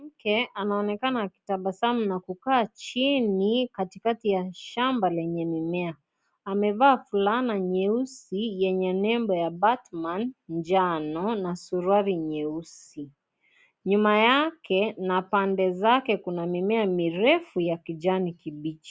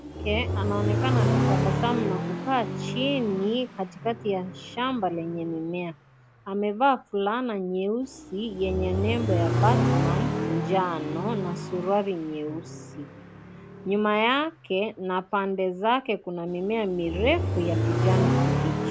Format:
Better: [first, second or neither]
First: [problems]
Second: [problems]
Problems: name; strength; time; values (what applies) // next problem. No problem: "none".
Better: first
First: none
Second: background sound (Accelerating, revving, vroom); 1 dB below the speech